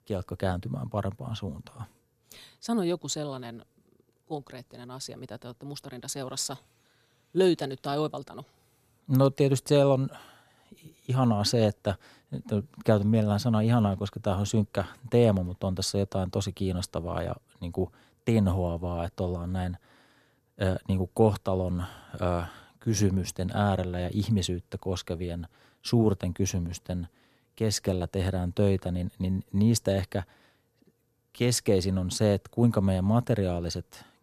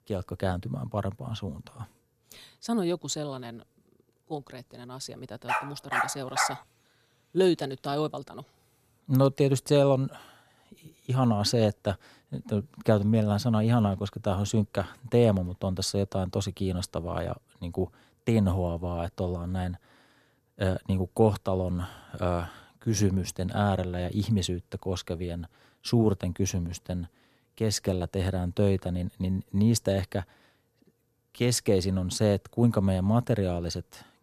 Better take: first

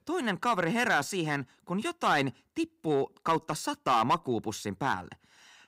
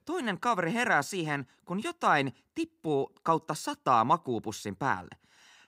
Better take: second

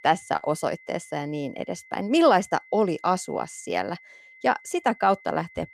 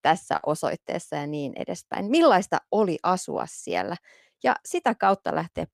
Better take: second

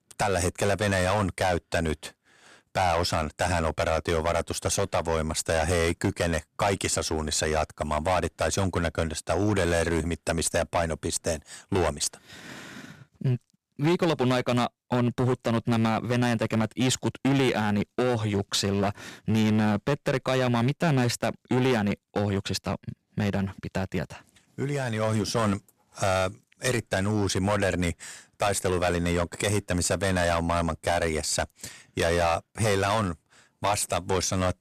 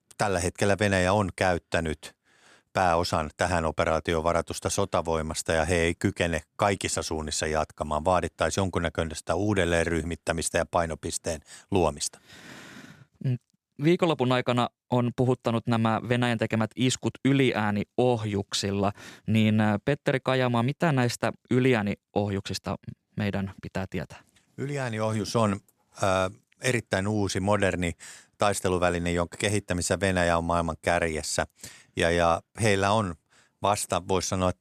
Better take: second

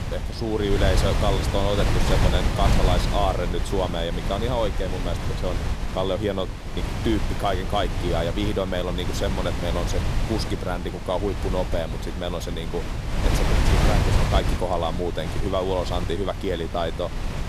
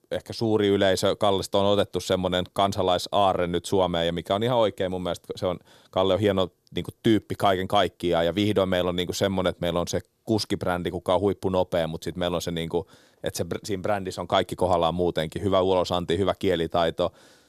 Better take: second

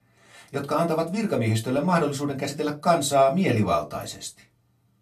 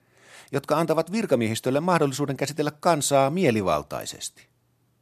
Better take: second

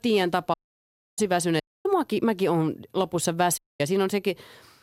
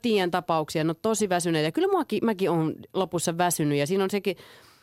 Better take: second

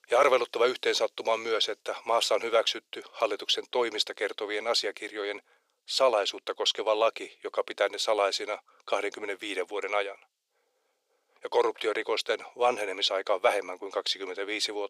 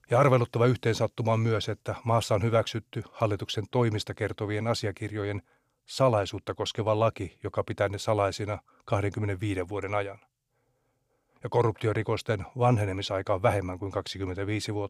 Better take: second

